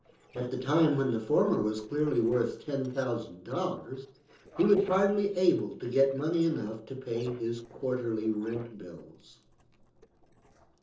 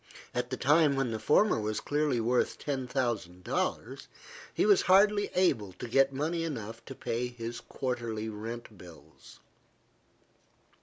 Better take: second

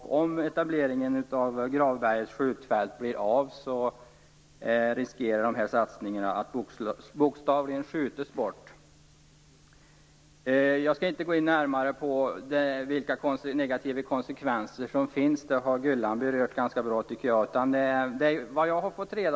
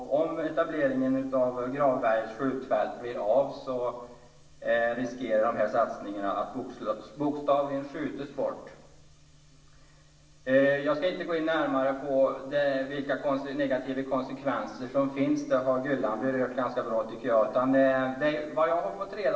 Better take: first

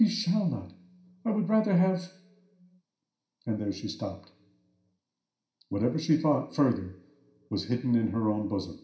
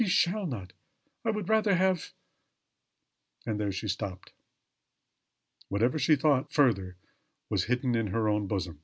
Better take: second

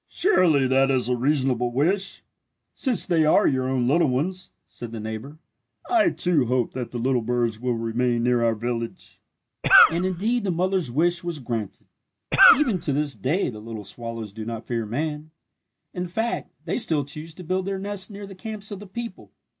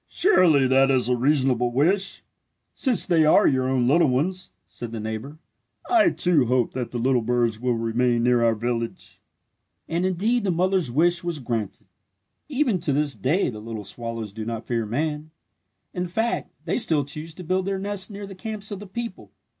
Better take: second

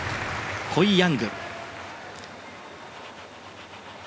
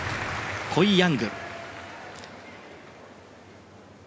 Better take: second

